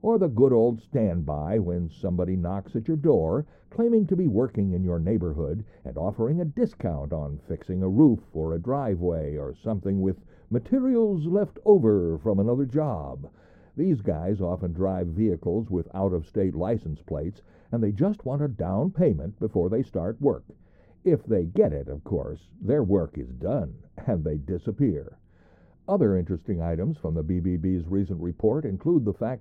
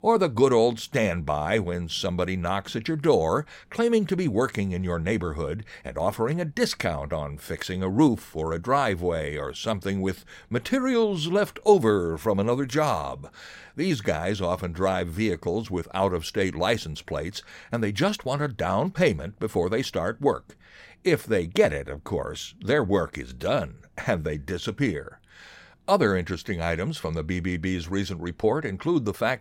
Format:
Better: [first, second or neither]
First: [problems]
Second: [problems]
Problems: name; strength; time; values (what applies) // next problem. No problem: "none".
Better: second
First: muffled; very; fading above 1 kHz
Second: none